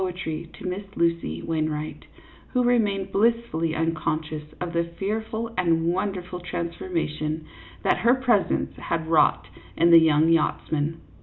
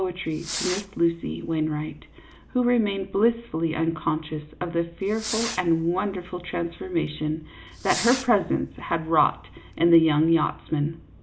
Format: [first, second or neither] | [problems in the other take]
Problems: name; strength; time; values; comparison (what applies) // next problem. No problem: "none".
first | background sound (Fireworks); 13 dB below the speech